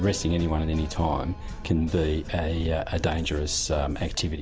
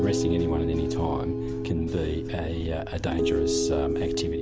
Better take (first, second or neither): first